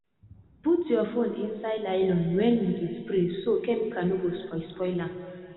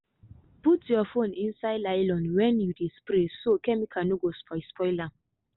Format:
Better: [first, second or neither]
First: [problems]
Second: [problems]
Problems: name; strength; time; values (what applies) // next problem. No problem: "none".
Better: second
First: room echo; dies away in 2.2 s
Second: none